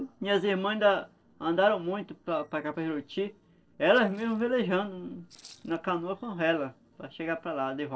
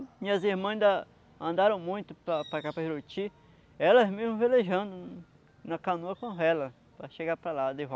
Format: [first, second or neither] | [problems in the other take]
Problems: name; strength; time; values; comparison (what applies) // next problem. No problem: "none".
second | noise reduction (neural separator model SepFormer DNS4)